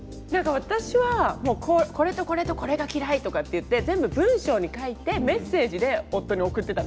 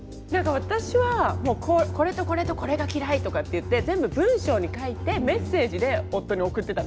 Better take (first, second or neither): first